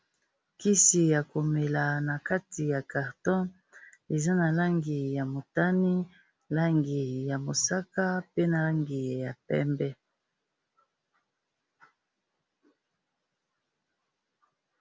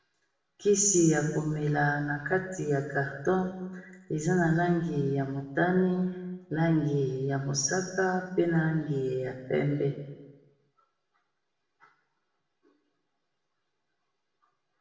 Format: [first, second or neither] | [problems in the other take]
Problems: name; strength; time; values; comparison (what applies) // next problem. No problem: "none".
first | room echo; dies away in 1.1 s